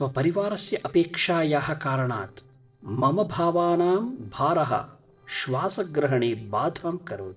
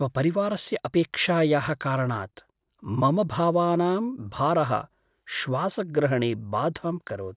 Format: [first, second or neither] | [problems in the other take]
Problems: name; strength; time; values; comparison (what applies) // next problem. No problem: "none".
second | noise reduction (neural separator model SepFormer DNS4)